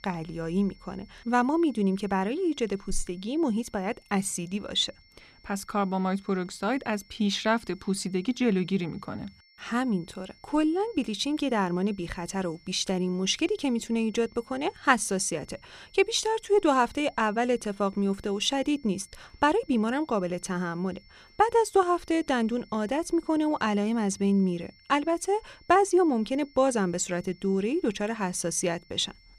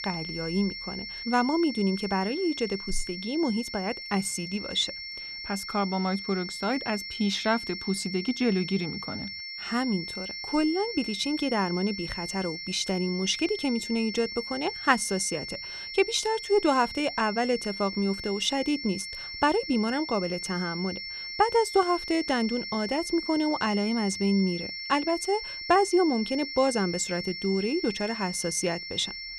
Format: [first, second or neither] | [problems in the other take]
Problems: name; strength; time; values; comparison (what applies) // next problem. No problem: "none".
first | high-pitched whine; loud; throughout; 5.5 kHz, 7 dB below the speech; faint in the first